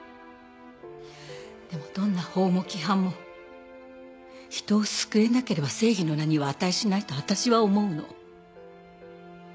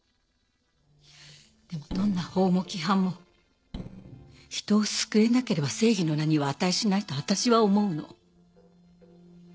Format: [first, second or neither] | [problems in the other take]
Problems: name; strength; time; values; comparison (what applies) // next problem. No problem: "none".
first | noise reduction (neural separator model SepFormer DNS4)